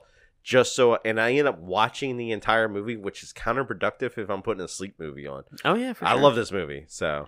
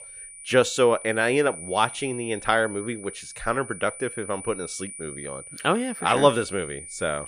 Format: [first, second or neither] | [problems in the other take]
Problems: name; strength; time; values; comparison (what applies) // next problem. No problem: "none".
first | high-pitched whine; noticeable; throughout; 9.5 kHz, 10 dB below the speech